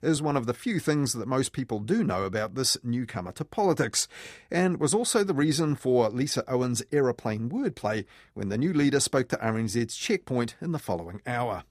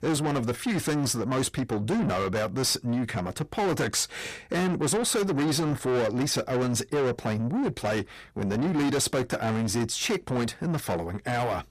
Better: first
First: none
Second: distortion; heavy; 7 dB below the speech

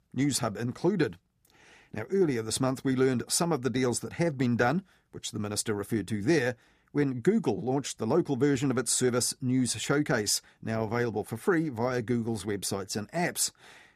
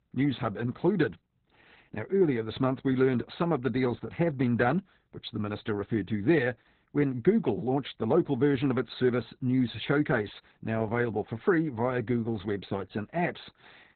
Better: first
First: none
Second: garbled, watery; badly; nothing above 4 kHz

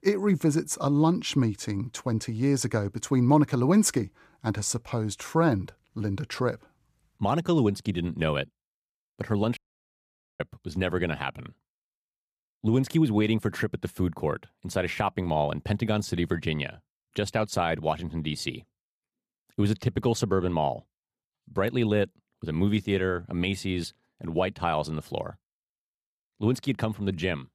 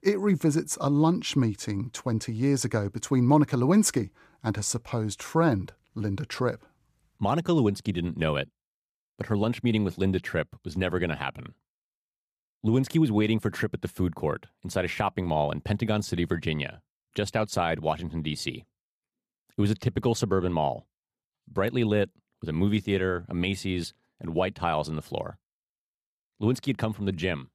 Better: second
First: audio cutting out; at 9.5 s for 1 s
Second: none

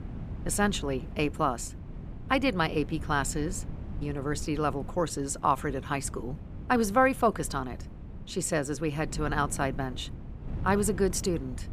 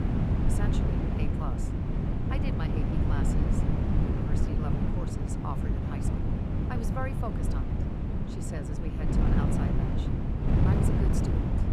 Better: first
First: wind noise on the microphone; occasional gusts; 20 dB below the speech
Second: wind noise on the microphone; heavy; 4 dB above the speech

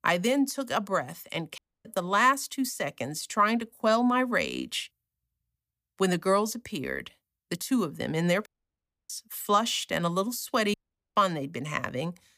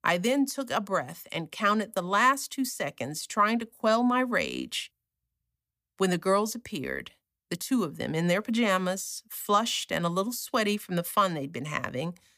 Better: second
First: audio cutting out; at 1.5 s, at 8.5 s for 0.5 s and at 11 s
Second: none

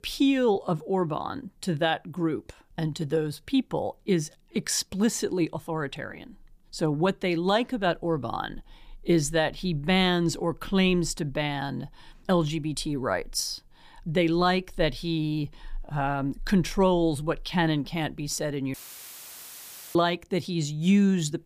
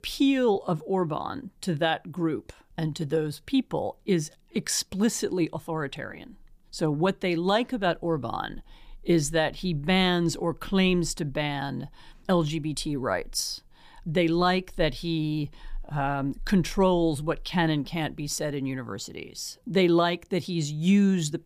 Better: second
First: audio cutting out; filled with static; at 19 s for 1 s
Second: none

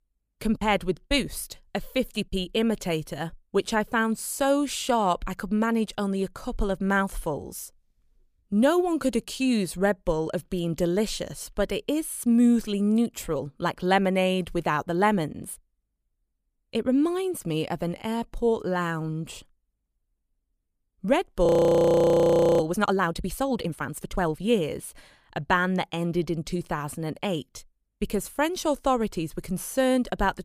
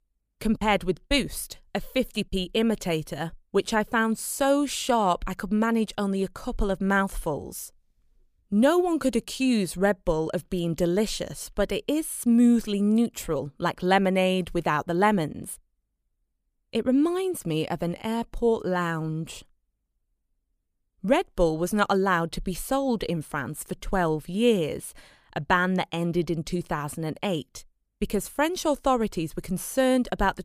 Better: second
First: audio freezing; at 21 s for 1 s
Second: none

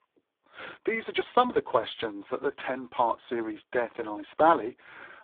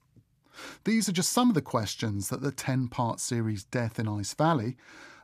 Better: second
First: phone-call audio; poor line; nothing above 3.5 kHz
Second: none

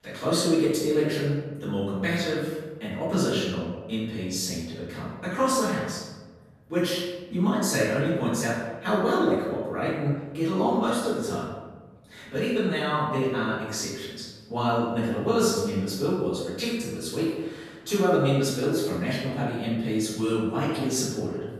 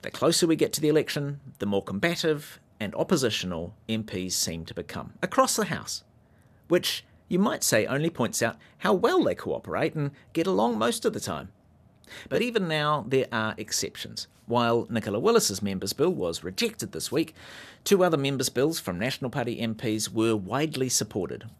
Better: second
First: room echo; strong; dies away in 1 s // off-mic speech; far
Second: none

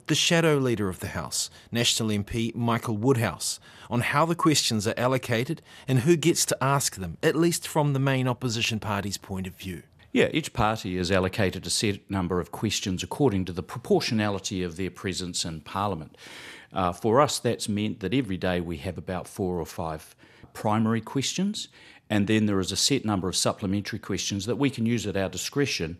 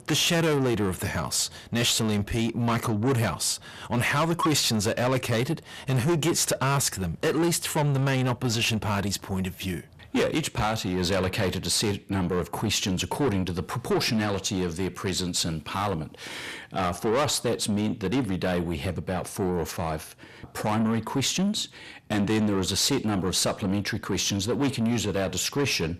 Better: first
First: none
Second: distortion; heavy; 7 dB below the speech

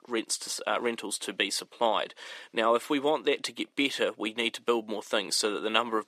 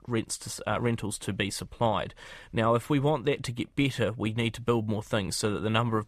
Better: second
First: thin; somewhat; fading below 300 Hz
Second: none

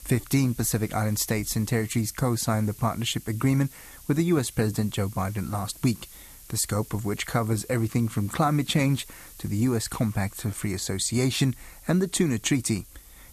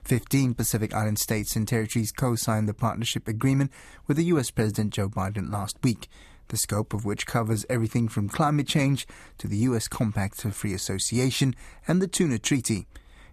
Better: second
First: hiss; noticeable; throughout; 20 dB below the speech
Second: none

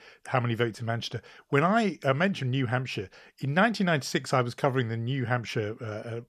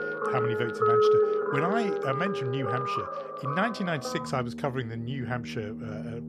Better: first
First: none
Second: background music; very loud; throughout; 3 dB above the speech

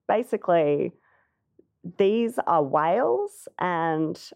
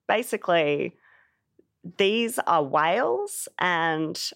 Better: second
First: muffled; slightly; fading above 1.5 kHz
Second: none

